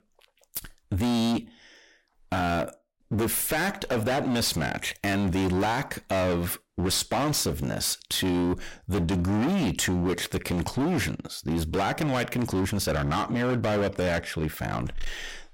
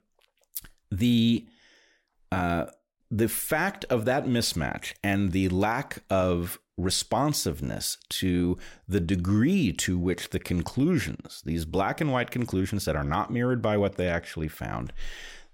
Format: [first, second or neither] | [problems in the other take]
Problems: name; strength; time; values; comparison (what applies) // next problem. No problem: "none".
second | distortion; heavy; 25% of the sound clipped